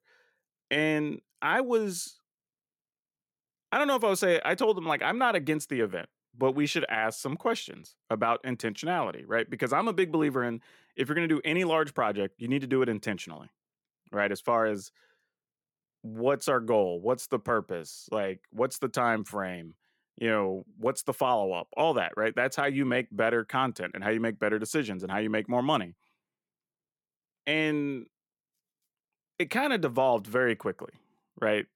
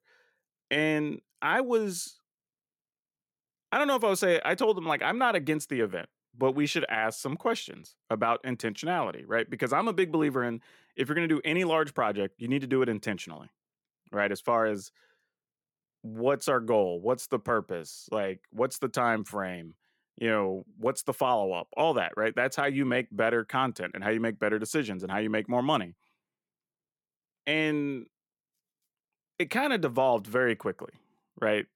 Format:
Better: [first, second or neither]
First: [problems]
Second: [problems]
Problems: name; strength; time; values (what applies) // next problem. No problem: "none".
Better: neither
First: none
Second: none